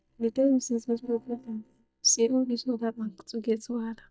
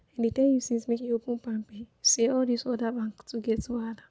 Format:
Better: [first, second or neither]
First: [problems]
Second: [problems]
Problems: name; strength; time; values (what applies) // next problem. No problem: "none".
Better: second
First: noise reduction (neural mask model DeepFilterNet 3)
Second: none